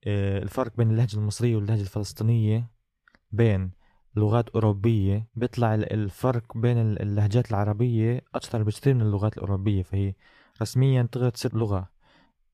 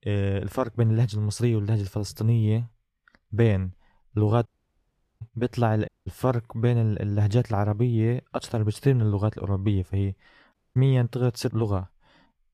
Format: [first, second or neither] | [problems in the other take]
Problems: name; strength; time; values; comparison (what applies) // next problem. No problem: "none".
first | audio cutting out; at 4.5 s for 1 s, at 6 s and at 11 s